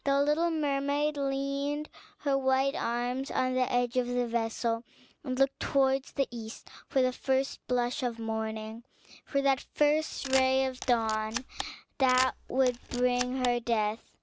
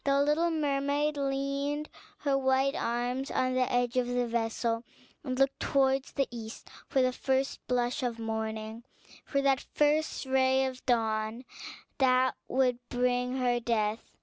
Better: second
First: background sound (Camera); 10 dB below the speech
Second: none

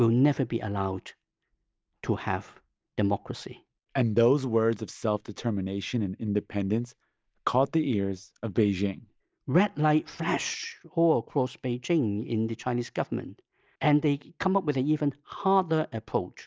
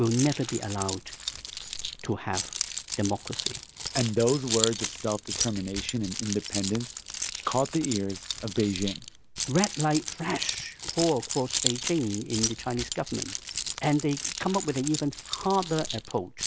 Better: first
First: none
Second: background sound (Keys jangling); 5 dB below the speech

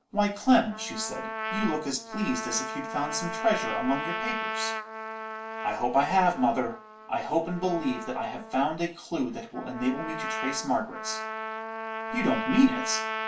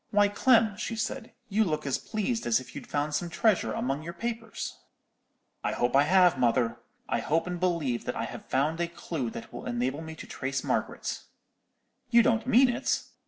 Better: second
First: background sound (Trumpet); 7 dB below the speech // room echo; dies away in 0.3 s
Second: none

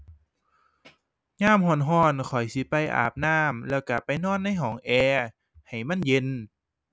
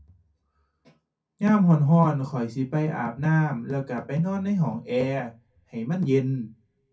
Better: first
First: none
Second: room echo; dies away in 0.3 s

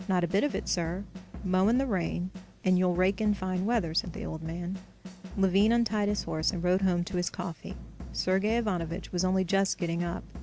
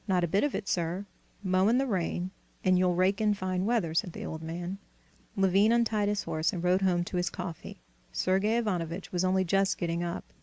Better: second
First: background sound (Drum / Drum kit); 13 dB below the speech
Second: none

